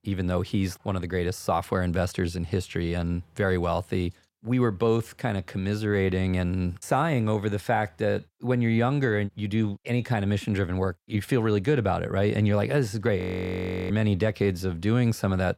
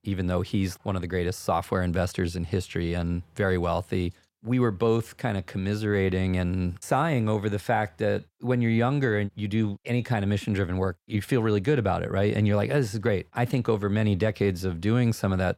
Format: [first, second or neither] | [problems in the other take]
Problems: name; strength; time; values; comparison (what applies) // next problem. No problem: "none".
second | audio freezing; at 13 s for 0.5 s